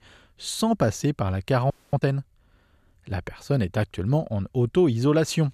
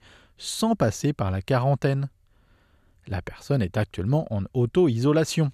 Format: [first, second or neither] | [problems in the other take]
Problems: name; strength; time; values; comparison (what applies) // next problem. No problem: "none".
second | audio freezing; at 1.5 s